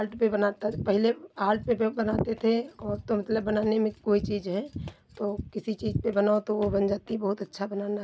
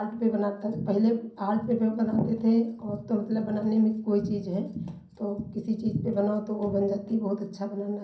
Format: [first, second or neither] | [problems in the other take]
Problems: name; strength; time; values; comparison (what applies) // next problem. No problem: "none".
first | room echo; dies away in 0.6 s